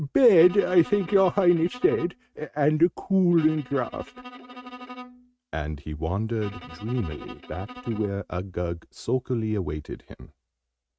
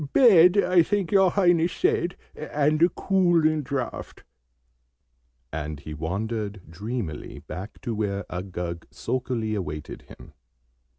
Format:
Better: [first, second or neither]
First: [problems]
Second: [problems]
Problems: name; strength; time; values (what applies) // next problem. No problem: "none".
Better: second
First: noise reduction (neural mask model RNNoise)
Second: none